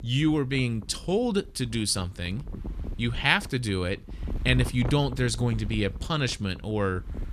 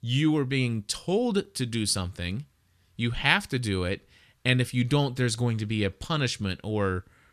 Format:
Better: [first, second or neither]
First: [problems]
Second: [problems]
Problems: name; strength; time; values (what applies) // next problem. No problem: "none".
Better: second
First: wind noise on the microphone; occasional gusts; 20 dB below the speech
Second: none